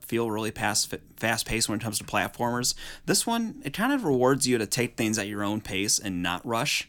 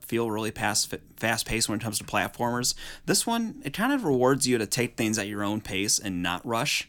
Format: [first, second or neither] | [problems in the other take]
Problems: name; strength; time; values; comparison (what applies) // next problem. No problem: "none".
neither | none